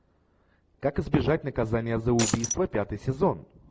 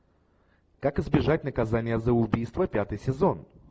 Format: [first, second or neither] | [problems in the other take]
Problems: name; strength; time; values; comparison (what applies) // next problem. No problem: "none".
second | background sound (Shatter); 3 dB below the speech